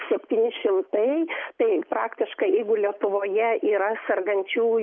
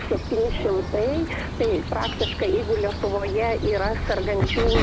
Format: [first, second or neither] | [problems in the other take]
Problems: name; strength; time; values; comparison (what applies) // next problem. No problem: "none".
first | background sound (Bird vocalization, bird call, bird song); 3 dB below the speech